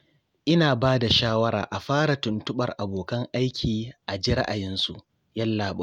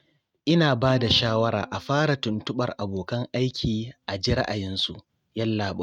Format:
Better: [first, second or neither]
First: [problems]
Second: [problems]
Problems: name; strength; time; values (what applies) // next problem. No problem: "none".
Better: first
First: none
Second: noise reduction (neural mask model RNNoise)